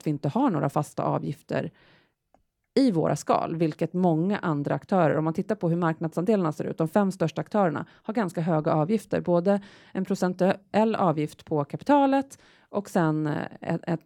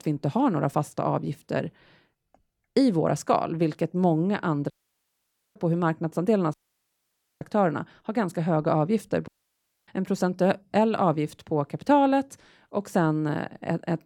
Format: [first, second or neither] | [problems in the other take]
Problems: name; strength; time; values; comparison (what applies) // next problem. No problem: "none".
first | audio cutting out; at 4.5 s for 1 s, at 6.5 s for 1 s and at 9.5 s for 0.5 s